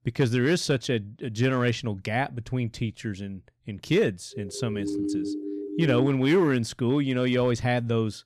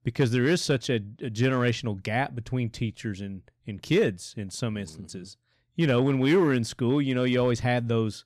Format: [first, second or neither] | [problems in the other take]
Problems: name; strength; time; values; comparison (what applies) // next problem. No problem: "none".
second | siren; noticeable; from 4.5 to 6 s; peak 3 dB below the speech